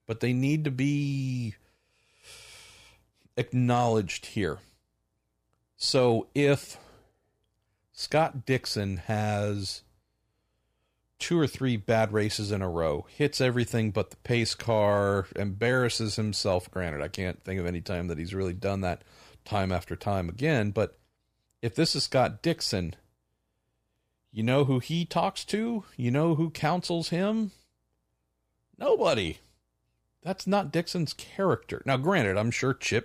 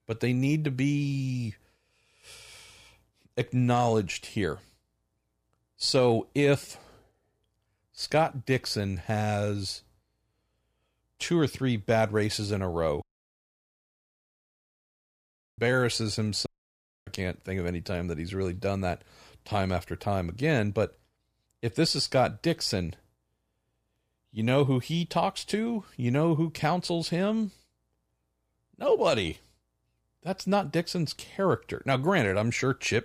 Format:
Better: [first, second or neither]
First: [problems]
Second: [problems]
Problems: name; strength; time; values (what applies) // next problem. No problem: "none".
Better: first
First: none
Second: audio cutting out; at 13 s for 2.5 s and at 16 s for 0.5 s